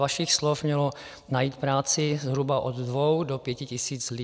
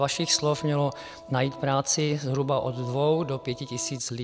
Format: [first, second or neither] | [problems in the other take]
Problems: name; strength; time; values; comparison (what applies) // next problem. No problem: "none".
first | background sound (Organ); 17 dB below the speech